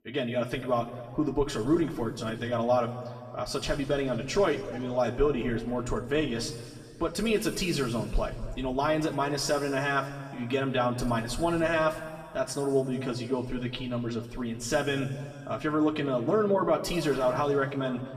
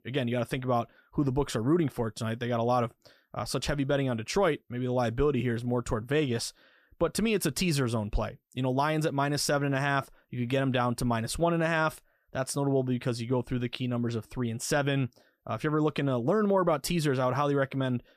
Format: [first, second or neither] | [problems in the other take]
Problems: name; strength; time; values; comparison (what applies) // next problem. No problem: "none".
second | room echo; noticeable; dies away in 2 s // off-mic speech; far